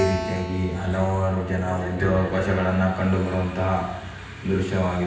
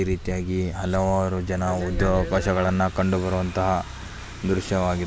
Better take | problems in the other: second | background sound (Keyboard (musical)); 15 dB below the speech // room echo; dies away in 0.9 s

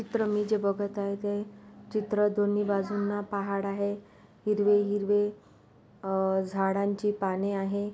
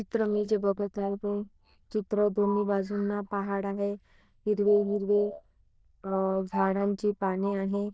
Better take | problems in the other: first | noise reduction (neural diffusion model UNIVERSE++)

